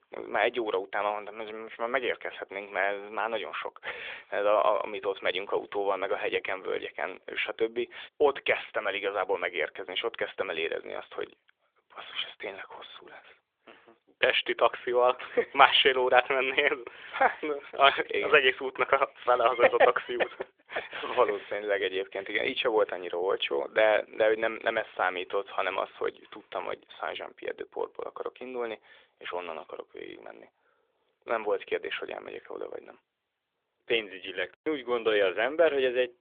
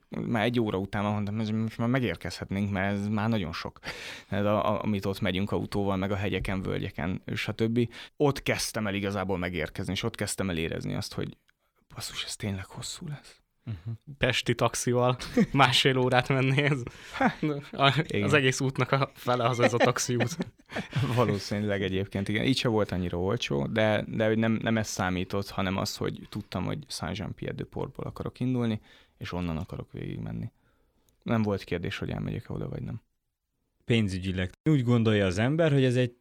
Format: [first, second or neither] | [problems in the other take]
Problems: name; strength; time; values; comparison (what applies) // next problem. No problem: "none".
second | phone-call audio; nothing above 3.5 kHz